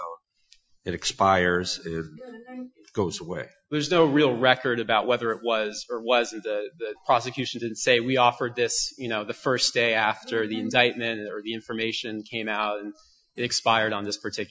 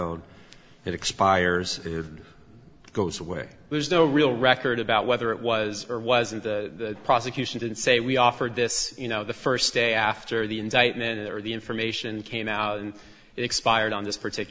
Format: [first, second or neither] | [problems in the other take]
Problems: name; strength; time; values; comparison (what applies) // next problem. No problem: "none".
second | noise reduction (classical method Wiener filter)